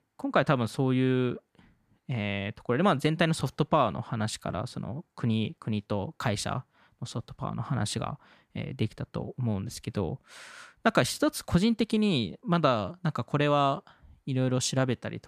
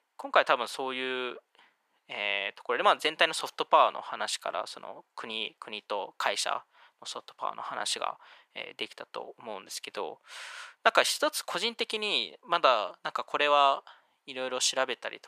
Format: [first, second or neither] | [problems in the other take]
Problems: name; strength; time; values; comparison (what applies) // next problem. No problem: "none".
first | thin; very; fading below 500 Hz